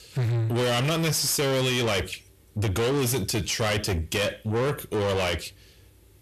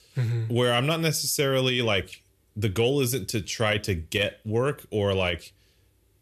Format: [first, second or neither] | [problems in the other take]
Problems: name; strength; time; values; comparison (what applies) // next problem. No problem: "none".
second | distortion; heavy; 7 dB below the speech